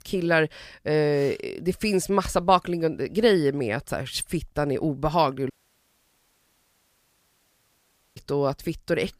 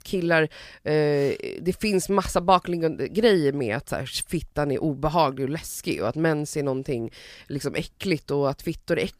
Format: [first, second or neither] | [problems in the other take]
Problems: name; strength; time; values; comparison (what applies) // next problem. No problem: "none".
second | audio cutting out; at 5.5 s for 2.5 s